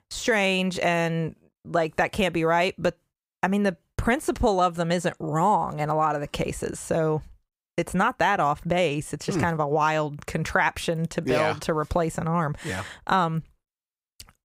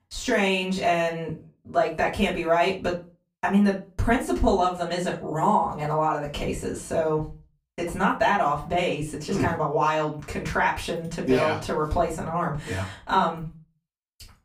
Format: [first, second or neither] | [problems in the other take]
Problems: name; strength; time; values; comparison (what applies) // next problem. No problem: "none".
first | off-mic speech; far // room echo; very slight; dies away in 0.3 s